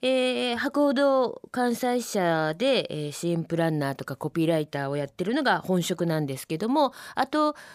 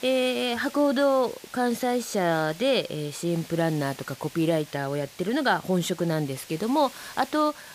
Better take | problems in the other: first | hiss; noticeable; throughout; 20 dB below the speech

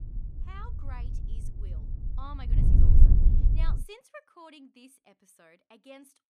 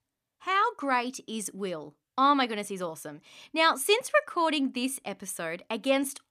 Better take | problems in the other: second | wind noise on the microphone; heavy; until 4 s; 3 dB above the speech

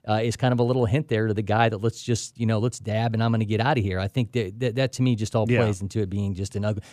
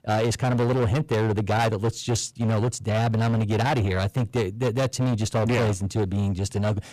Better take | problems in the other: first | distortion; heavy; 23% of the sound clipped

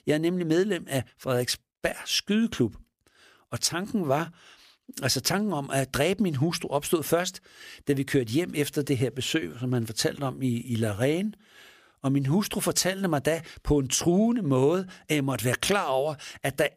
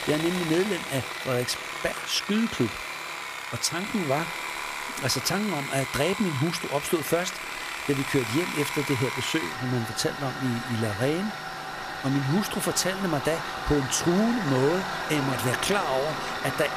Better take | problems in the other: first | machinery noise; loud; throughout; 4 dB below the speech

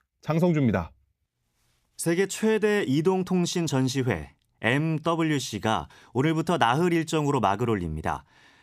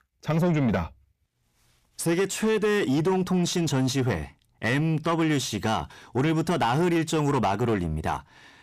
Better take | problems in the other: first | distortion; slight; 10 dB below the speech

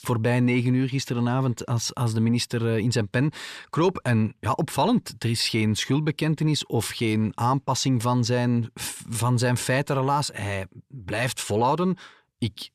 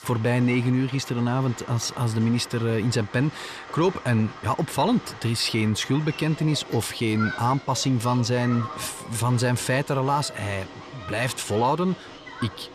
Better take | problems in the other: first | crowd noise; noticeable; throughout; 15 dB below the speech

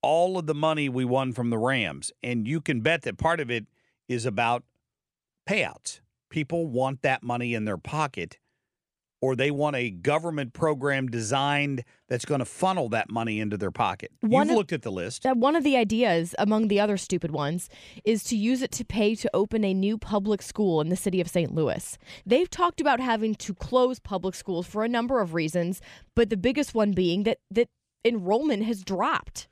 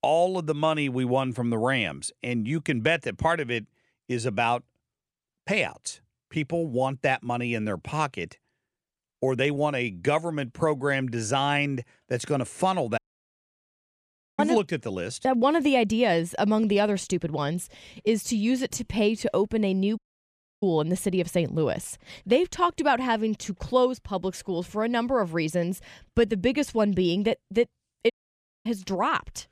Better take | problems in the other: first | audio cutting out; at 13 s for 1.5 s, at 20 s for 0.5 s and at 28 s for 0.5 s

